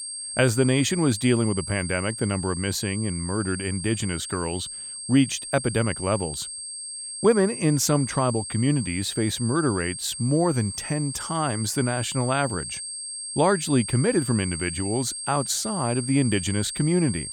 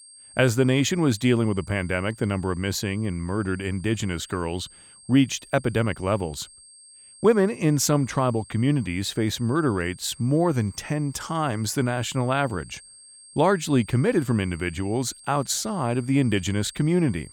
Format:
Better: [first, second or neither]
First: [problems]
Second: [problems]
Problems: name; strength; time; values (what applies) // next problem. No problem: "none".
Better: second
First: high-pitched whine; loud; throughout; 8.5 kHz, 7 dB below the speech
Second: high-pitched whine; faint; throughout; 8.5 kHz, 20 dB below the speech